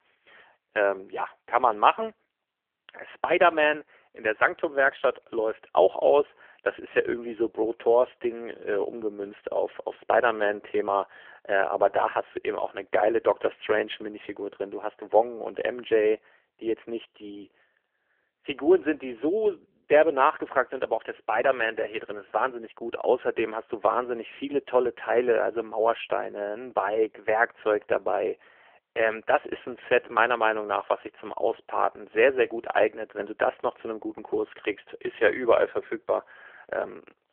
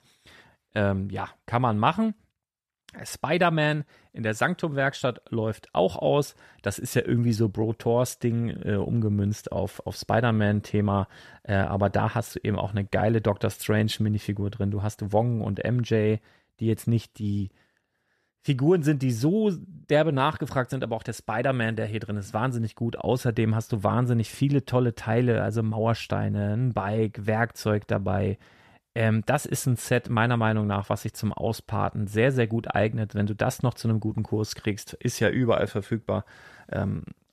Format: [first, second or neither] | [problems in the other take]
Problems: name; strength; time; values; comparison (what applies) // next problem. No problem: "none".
second | phone-call audio; poor line; nothing above 3 kHz